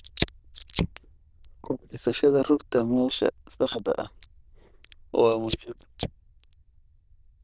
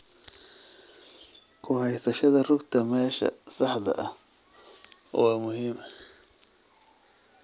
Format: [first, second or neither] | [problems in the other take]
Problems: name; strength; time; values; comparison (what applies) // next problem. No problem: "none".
second | noise reduction (neural diffusion model UNIVERSE++)